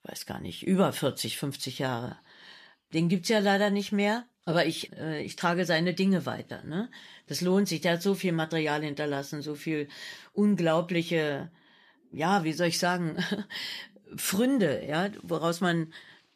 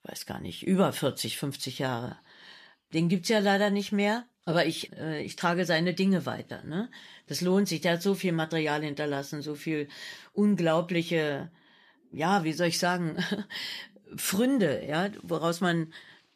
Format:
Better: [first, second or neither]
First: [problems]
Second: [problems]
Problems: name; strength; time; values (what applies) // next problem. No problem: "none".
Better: neither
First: none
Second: none